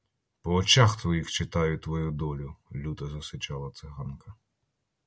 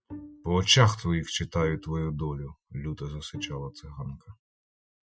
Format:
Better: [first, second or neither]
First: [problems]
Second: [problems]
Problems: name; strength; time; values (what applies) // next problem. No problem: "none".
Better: first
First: none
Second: noise reduction (classical method Wiener filter)